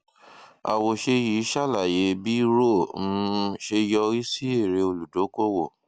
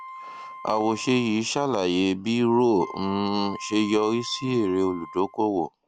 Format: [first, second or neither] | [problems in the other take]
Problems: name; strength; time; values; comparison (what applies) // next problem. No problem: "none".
first | background sound (Wind instrument, woodwind instrument); 17 dB below the speech